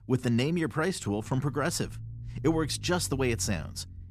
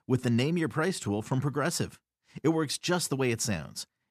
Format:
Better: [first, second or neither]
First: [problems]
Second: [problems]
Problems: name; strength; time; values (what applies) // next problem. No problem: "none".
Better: second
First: low rumble; faint; throughout; 25 dB below the speech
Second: none